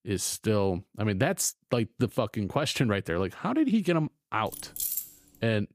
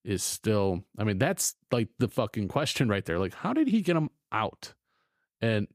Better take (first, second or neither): second